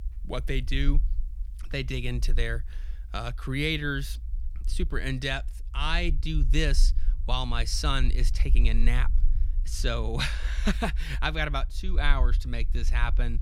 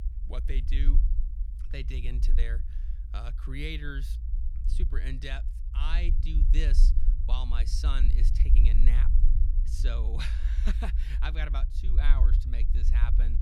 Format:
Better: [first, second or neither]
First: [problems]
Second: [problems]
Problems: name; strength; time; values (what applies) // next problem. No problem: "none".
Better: first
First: low rumble; faint; throughout; 20 dB below the speech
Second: low rumble; loud; throughout; 9 dB below the speech